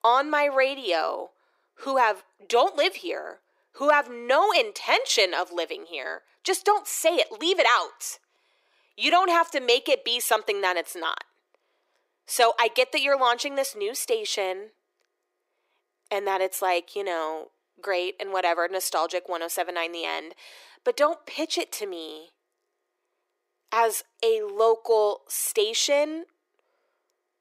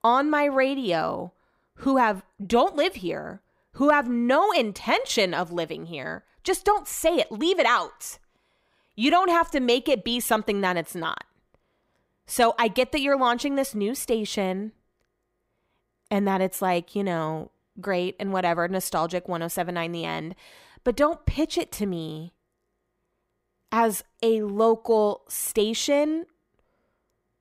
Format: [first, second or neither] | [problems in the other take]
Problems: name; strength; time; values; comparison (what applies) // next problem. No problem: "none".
second | thin; very; fading below 350 Hz